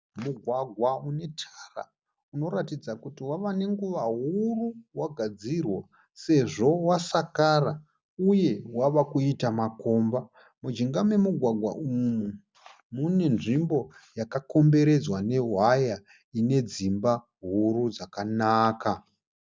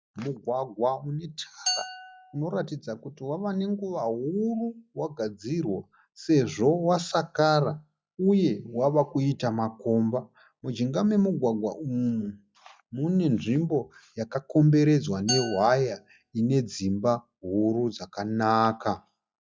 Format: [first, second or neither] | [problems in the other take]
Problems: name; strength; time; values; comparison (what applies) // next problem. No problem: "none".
first | noise reduction (classical method log-MMSE)